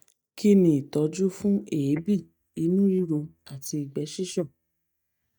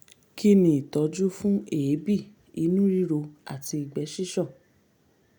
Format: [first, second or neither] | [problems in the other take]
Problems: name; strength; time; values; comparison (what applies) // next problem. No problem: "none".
second | noise reduction (neural mask model DeepFilterNet 3)